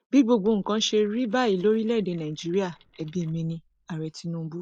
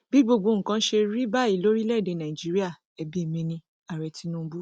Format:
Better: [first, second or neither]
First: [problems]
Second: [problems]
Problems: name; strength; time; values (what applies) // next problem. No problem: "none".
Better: second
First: noise reduction (neural mask model Resemble Enhance denoiser)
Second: none